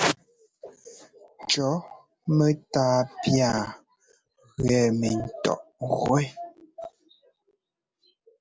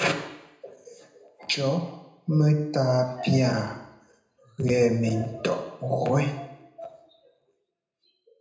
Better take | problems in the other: first | room echo; dies away in 0.8 s

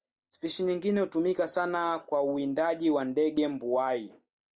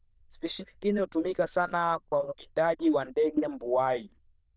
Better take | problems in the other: first | noise reduction (neural diffusion model UNIVERSE++)

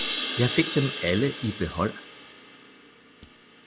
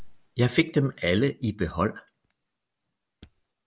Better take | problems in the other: second | background sound (Crash cymbal); 7 dB below the speech

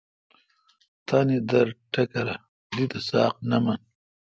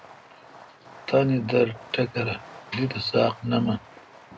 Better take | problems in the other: first | background sound (Fireworks); 20 dB below the speech // room echo; dies away in 0.2 s

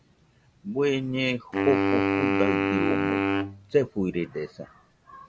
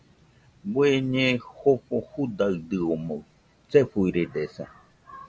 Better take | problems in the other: second | background sound (Wind instrument, woodwind instrument); 2 dB above the speech

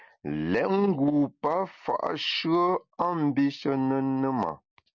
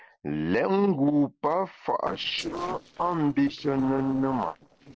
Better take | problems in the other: first | noise reduction (neural separator model SepFormer DNS4)

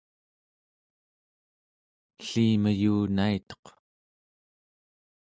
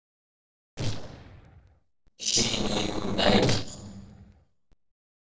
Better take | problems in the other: first | noise reduction (neural separator model SepFormer DNS4)

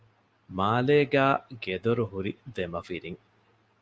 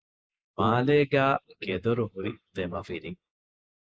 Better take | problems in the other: first | noise reduction (neural mask model Resemble Enhance denoiser)

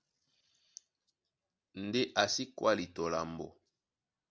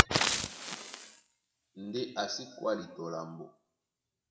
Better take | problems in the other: first | noise reduction (classical method WPE with log-MMSE)

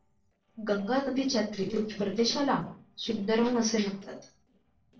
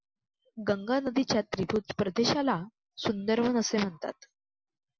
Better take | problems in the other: second | noise reduction (neural separator model SepFormer DNS4)

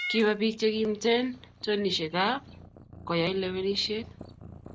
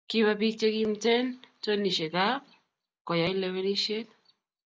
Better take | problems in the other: second | background sound (Meow / Purr); 15 dB below the speech

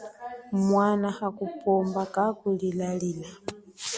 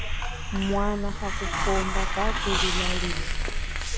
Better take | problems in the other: first | background sound (Hiss); 5 dB above the speech

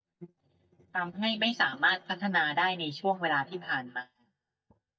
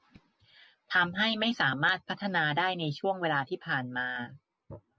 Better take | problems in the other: second | noise reduction (neural mask model DeepFilterNet 3)

